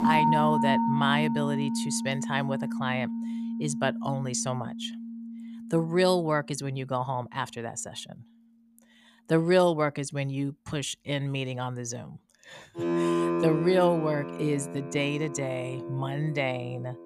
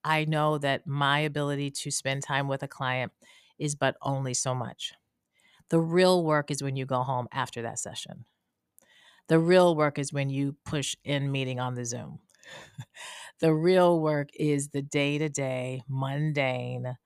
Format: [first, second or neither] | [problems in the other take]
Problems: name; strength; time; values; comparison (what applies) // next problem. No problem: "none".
second | background music; loud; throughout; 2 dB below the speech